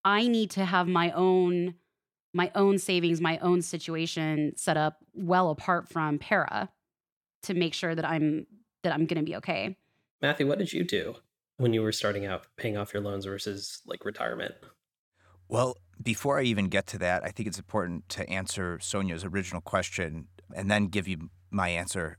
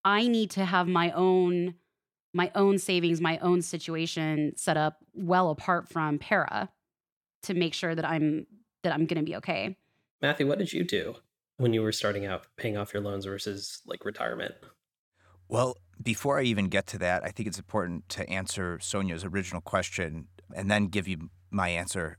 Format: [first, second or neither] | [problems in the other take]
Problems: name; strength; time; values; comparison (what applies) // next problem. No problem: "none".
neither | none